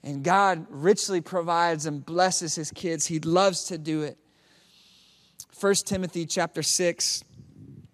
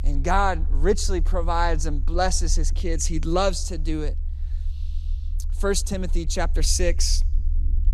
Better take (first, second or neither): first